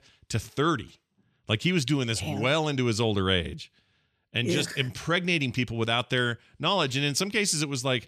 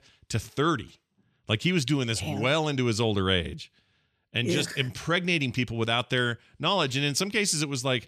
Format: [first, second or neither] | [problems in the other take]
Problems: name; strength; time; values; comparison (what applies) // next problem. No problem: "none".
neither | none